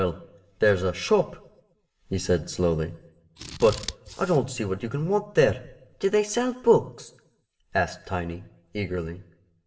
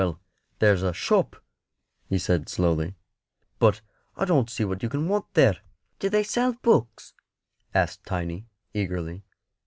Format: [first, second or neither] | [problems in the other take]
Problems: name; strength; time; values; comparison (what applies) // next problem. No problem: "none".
second | background sound (Scissors); 12 dB below the speech // room echo; dies away in 0.7 s